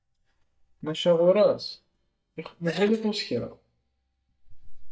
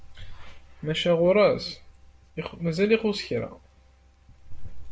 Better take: second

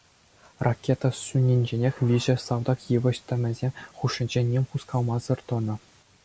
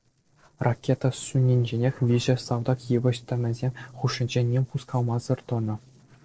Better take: first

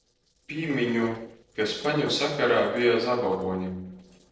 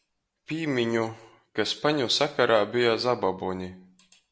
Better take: second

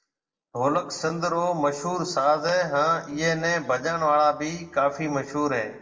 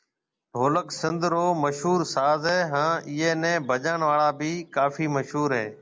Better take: second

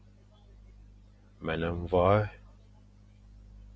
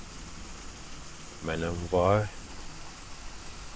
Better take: first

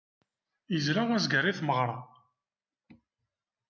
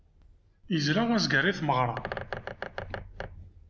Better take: first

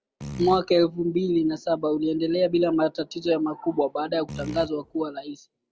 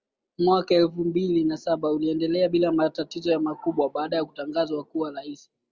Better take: second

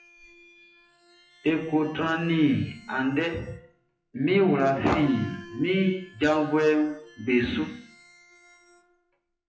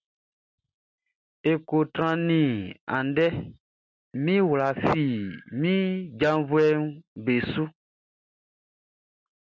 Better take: second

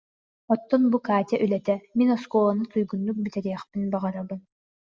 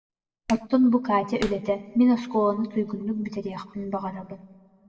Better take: first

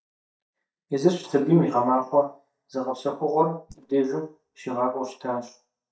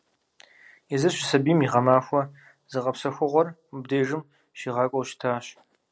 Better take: second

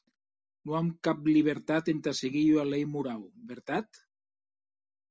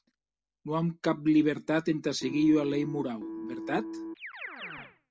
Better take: first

